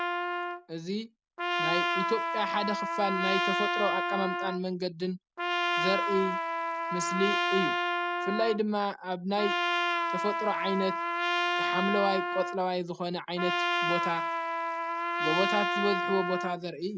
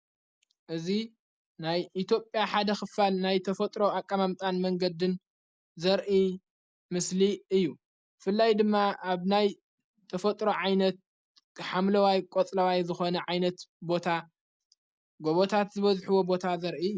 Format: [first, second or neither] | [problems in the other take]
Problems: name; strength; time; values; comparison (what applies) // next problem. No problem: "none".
second | background sound (Trumpet); 2 dB above the speech